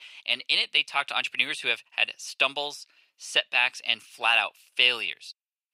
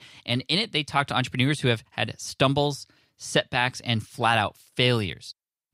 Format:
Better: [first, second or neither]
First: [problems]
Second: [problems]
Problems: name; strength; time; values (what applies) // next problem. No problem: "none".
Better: second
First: thin; very; fading below 650 Hz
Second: none